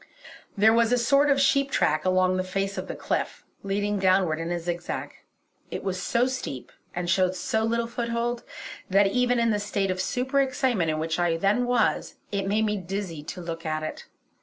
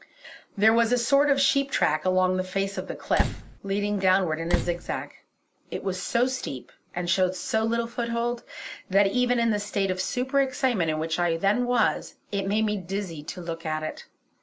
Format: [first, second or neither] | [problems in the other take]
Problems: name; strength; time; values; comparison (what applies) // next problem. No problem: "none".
first | background sound (Slam); 2 dB below the speech